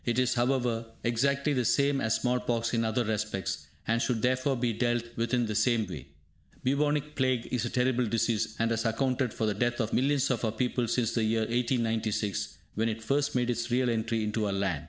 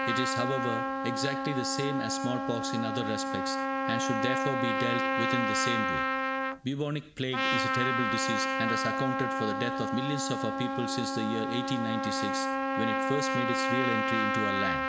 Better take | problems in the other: first | background sound (Trumpet); 3 dB above the speech

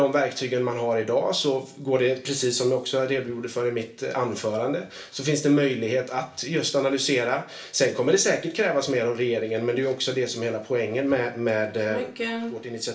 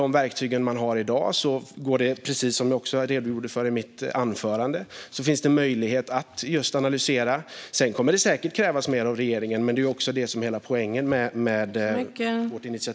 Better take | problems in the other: second | room echo; dies away in 0.4 s

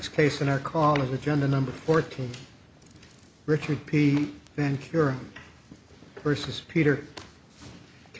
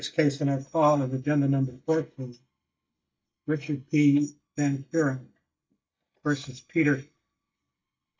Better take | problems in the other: first | noise reduction (neural mask model DeepFilterNet 3)

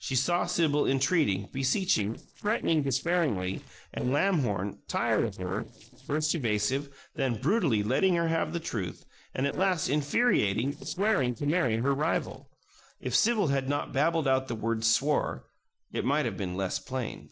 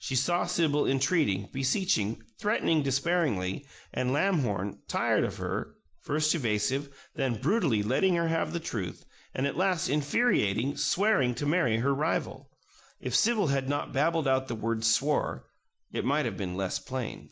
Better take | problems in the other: second | noise reduction (neural separator model SepFormer DNS4)

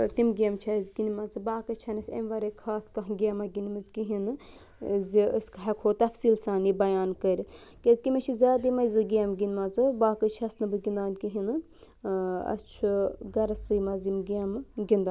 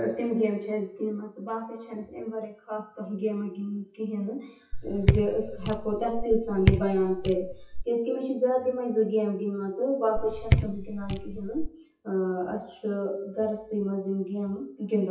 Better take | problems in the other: first | noise reduction (classical method WPE with log-MMSE)

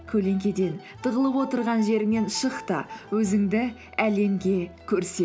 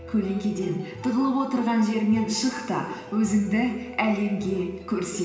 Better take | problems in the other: first | background sound (Keyboard (musical)); 19 dB below the speech // room echo; dies away in 1.1 s

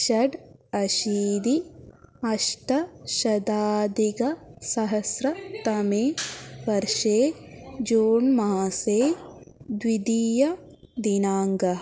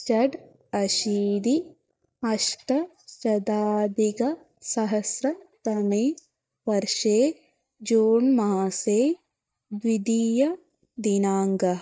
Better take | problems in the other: first | noise reduction (neural mask model DeepFilterNet 3)

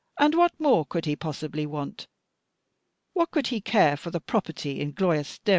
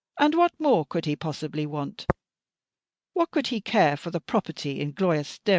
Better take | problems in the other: first | noise reduction (neural mask model RNNoise)

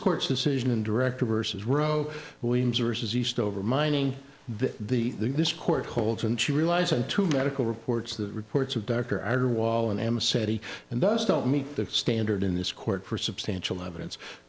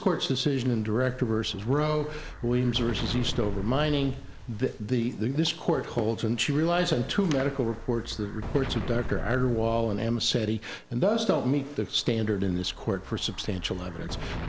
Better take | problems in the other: first | background sound (Explosion); 10 dB below the speech

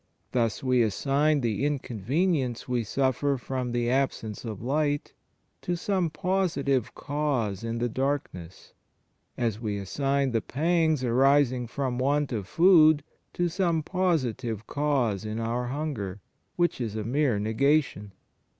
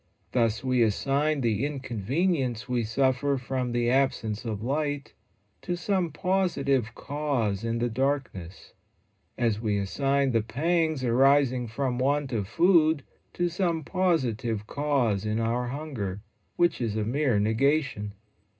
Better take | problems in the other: first | room echo; dies away in 0.2 s

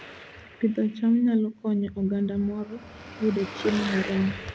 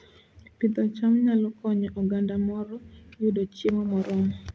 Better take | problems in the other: second | background sound (Car passing by / Traffic noise, roadway noise / Engine); 13 dB below the speech

